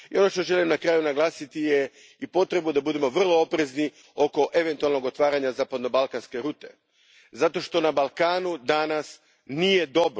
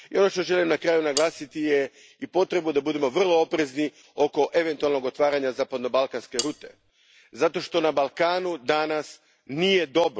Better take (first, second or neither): first